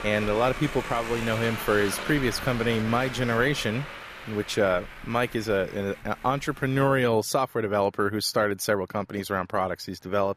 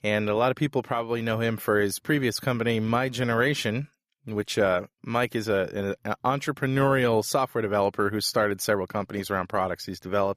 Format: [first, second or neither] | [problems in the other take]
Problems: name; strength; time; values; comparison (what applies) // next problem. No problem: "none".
second | traffic noise; noticeable; throughout; 10 dB below the speech